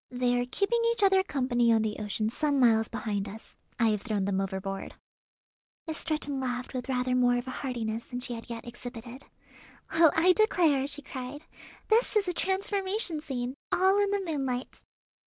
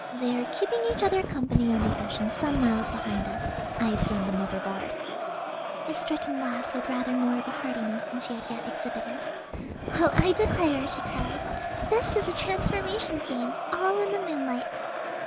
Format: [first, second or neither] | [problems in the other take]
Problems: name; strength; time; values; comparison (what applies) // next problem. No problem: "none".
first | background sound (Wind + Crowd); 2 dB below the speech